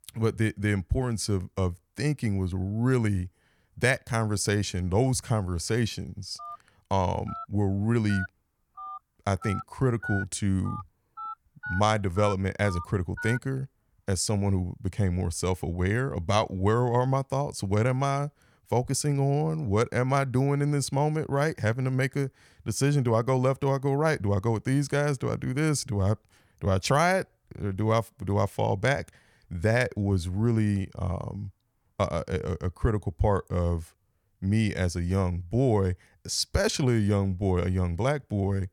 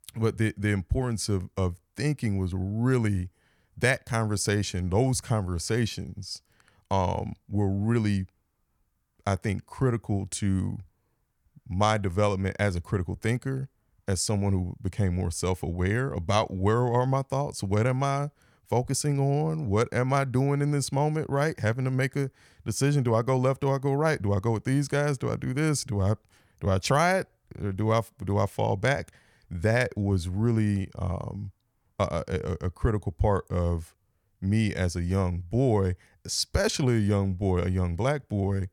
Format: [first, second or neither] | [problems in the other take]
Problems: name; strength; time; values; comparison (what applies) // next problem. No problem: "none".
second | phone ringing; noticeable; from 6.5 to 13 s; peak 7 dB below the speech